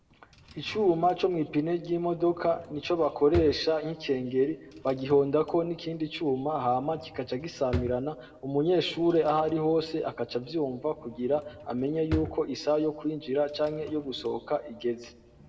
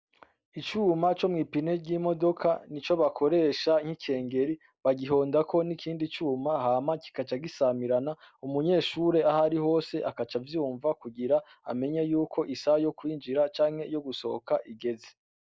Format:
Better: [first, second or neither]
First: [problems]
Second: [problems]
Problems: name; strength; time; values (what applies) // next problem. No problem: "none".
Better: second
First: background sound (Drawer open or close); 16 dB below the speech // room echo; dies away in 1 s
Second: none